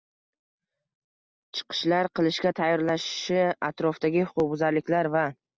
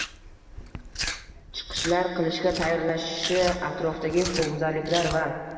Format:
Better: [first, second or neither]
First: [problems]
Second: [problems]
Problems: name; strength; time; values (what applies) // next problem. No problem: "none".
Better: first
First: none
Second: background sound (Chewing, mastication); 8 dB below the speech // room echo; dies away in 2.5 s